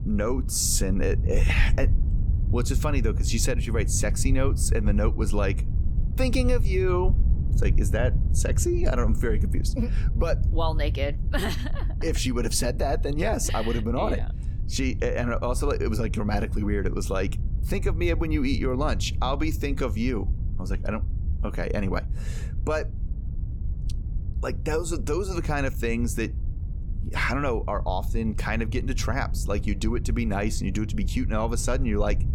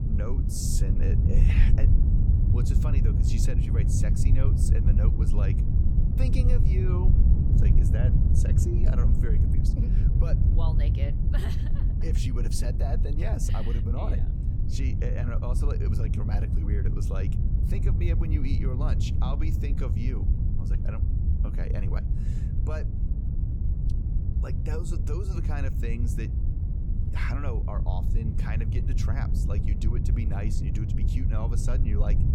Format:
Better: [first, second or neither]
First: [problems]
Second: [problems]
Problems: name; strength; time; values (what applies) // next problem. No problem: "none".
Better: first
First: wind noise on the microphone; occasional gusts; 15 dB below the speech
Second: wind noise on the microphone; heavy; as loud as the speech